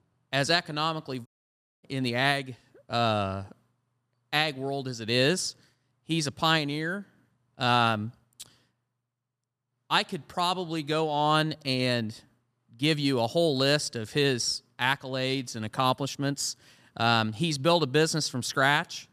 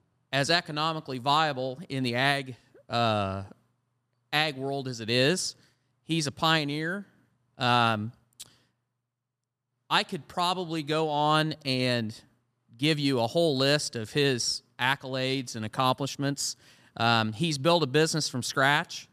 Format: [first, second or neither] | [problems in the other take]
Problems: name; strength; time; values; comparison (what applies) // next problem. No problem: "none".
second | audio cutting out; at 1.5 s for 0.5 s